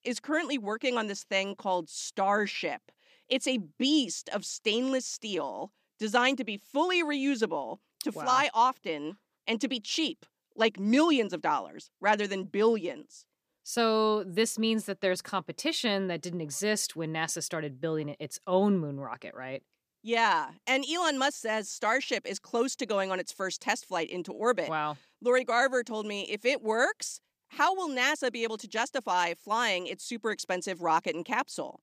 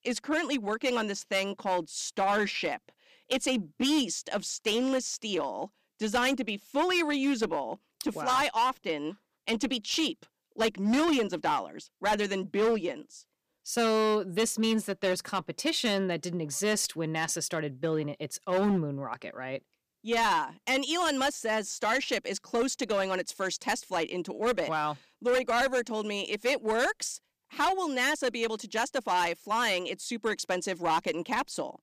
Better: first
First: none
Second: distortion; slight; 7% of the sound clipped

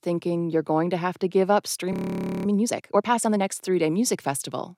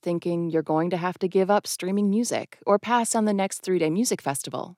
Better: second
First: audio freezing; at 2 s for 0.5 s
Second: none

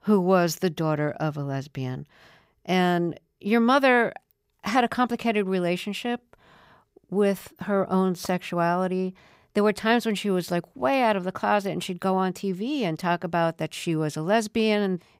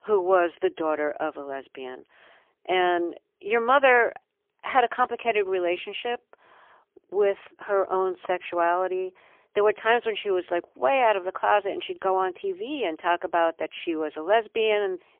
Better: first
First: none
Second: phone-call audio; poor line; nothing above 3 kHz

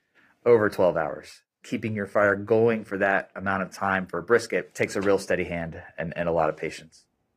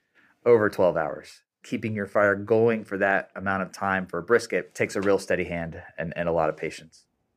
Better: second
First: garbled, watery; slightly; nothing above 15 kHz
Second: none

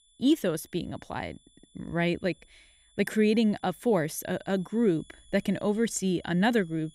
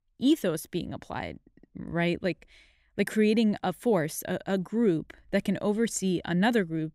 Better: second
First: high-pitched whine; faint; throughout; 3.5 kHz, 30 dB below the speech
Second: none

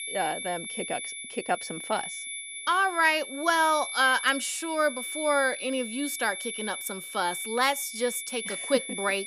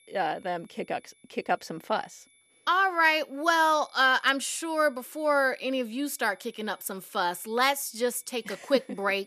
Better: second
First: high-pitched whine; loud; throughout; 2.5 kHz, 7 dB below the speech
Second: high-pitched whine; faint; throughout; 2.5 kHz, 35 dB below the speech

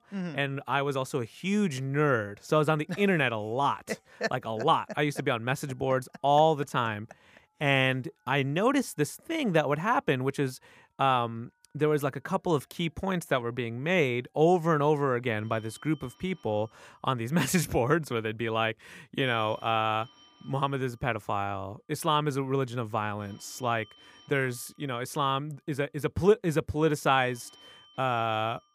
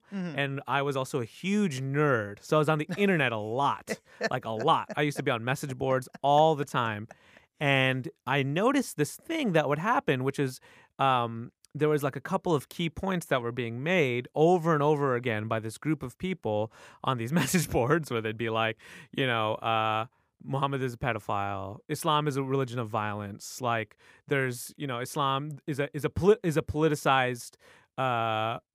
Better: second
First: alarms or sirens; faint; throughout; 30 dB below the speech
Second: none

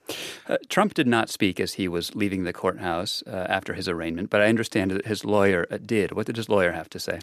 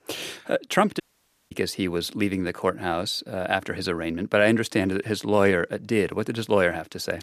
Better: first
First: none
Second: audio cutting out; at 1 s for 0.5 s

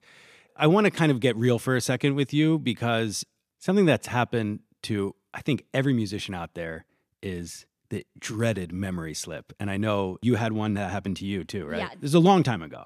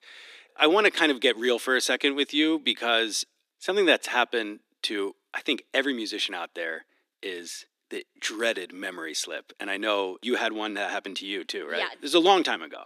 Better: first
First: none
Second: thin; somewhat; fading below 300 Hz

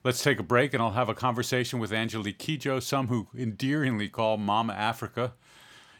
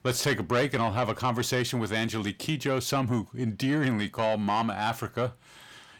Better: first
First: none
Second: distortion; slight; 10 dB below the speech

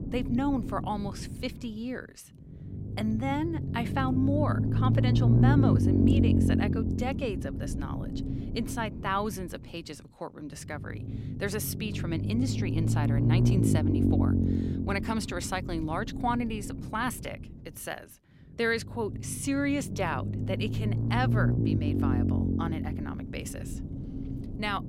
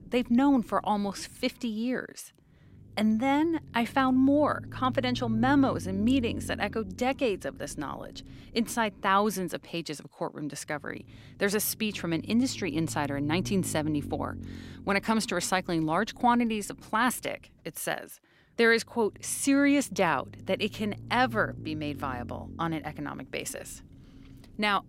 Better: second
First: low rumble; loud; throughout; 3 dB below the speech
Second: low rumble; faint; throughout; 20 dB below the speech

